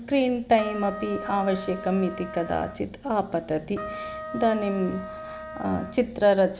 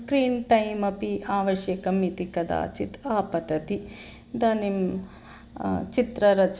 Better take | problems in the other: second | background sound (Trumpet); 12 dB below the speech

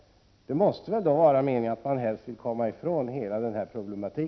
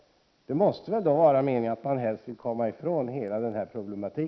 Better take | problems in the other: first | noise reduction (neural mask model Resemble Enhance denoiser)

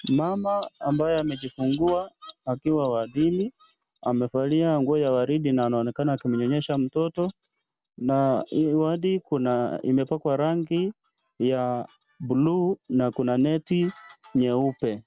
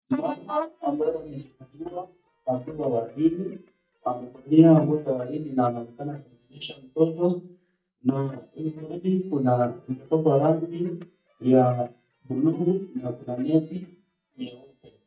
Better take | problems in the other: first | noise reduction (neural mask model DeepFilterNet 3)

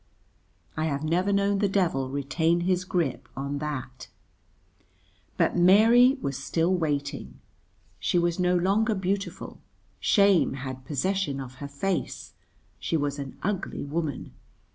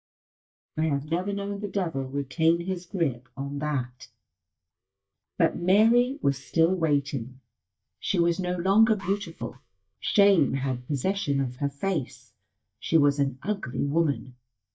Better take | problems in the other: first | noise reduction (neural mask model DeepFilterNet 3)

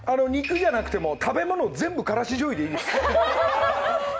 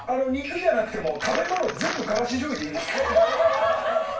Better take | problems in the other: first | background sound (Crumpling, crinkling); 12 dB below the speech // room echo; dies away in 0.2 s

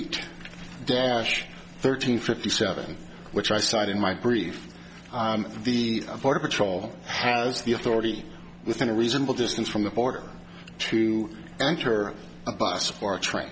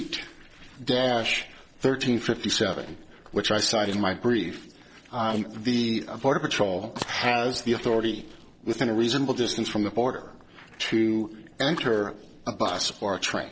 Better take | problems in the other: first | noise reduction (neural separator model SepFormer DNS4)

